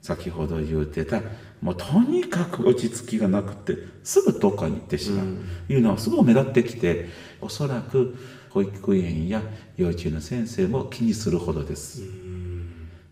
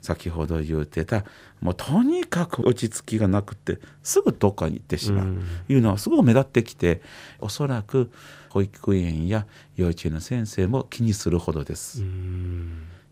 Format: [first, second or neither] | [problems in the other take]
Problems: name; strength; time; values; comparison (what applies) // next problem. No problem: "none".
second | room echo; slight; dies away in 0.9 s